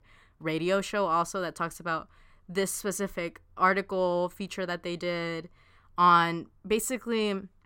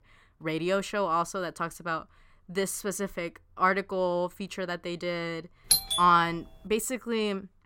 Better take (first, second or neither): first